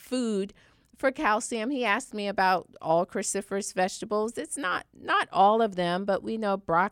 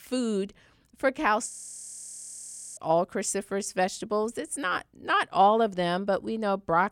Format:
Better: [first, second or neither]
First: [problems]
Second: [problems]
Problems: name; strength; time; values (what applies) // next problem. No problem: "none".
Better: first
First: none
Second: audio freezing; at 1.5 s for 1.5 s